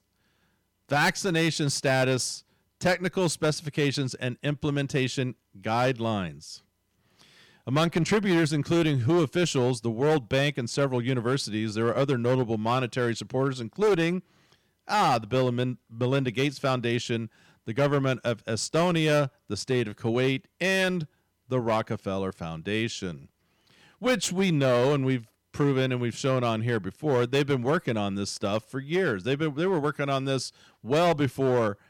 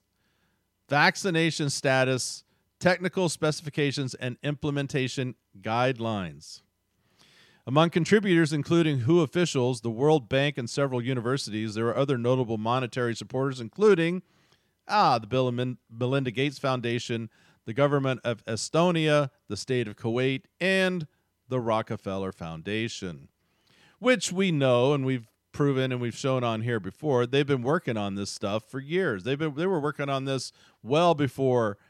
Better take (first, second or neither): second